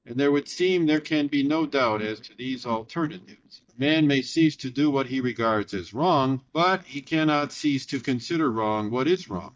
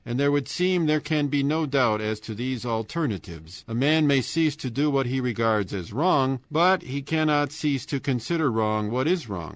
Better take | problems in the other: second | noise reduction (neural mask model DeepFilterNet 3)

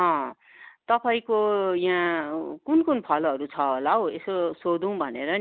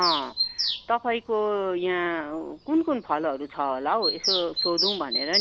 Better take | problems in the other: first | background sound (Bird vocalization, bird call, bird song); 4 dB below the speech

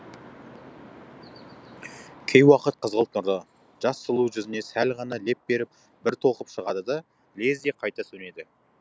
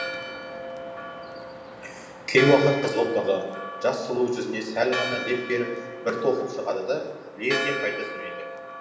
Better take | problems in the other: first | background sound (Church bell); 8 dB below the speech // room echo; dies away in 1.3 s

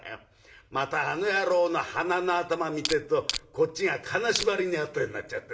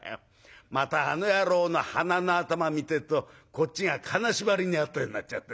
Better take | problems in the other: second | background sound (Crushing); 6 dB below the speech // room echo; dies away in 1.1 s

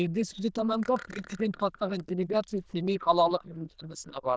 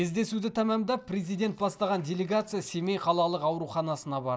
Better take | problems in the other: second | noise reduction (neural diffusion model UNIVERSE++)

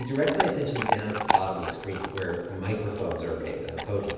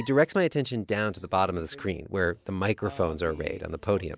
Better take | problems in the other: second | background sound (Chewing, mastication / Dog); 2 dB below the speech // room echo; dies away in 1.1 s

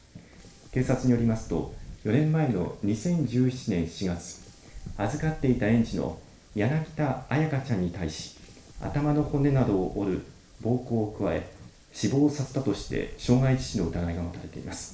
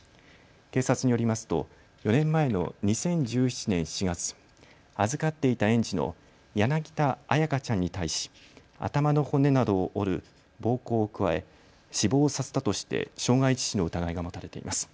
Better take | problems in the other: second | background sound (Wind); 16 dB below the speech // room echo; dies away in 0.5 s

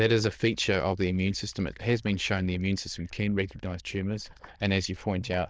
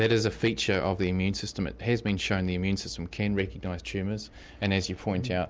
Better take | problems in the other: second | noise reduction (neural diffusion model UNIVERSE++)

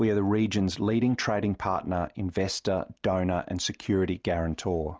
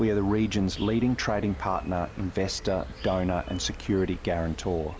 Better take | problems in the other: first | background sound (Insect); 13 dB below the speech

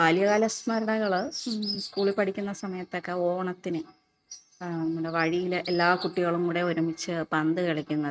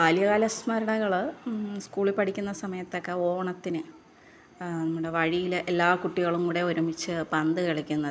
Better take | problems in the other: second | noise reduction (neural mask model RNNoise)

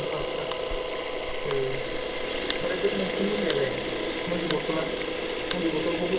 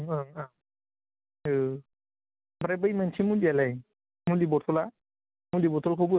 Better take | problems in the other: second | background sound (Camera); 2 dB above the speech // room echo; dies away in 2 s

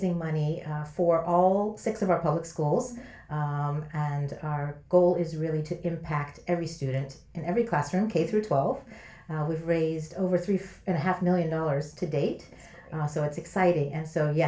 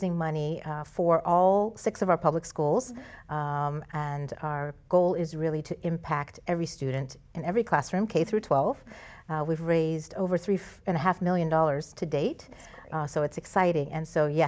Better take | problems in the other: second | room echo; dies away in 0.3 s

